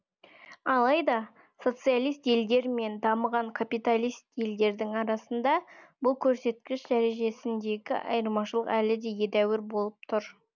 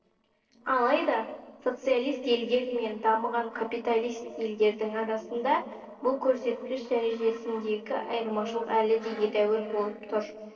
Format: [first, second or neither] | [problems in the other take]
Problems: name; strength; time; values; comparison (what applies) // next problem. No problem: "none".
first | noise reduction (neural separator model SepFormer DNS4)